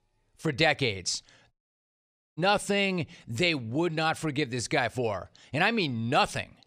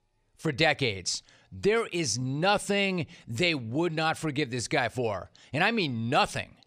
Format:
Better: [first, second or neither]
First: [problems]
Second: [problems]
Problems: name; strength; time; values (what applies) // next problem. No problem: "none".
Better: second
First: audio cutting out; at 1.5 s for 1 s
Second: none